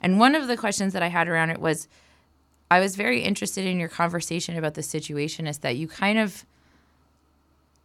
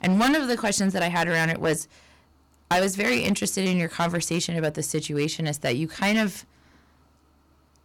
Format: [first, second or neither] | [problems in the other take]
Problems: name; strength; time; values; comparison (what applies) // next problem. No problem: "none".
first | distortion; heavy; 7% of the sound clipped